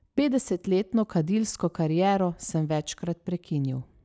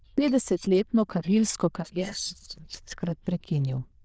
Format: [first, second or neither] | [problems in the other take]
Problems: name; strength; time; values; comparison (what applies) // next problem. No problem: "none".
first | noise reduction (neural diffusion model UNIVERSE++)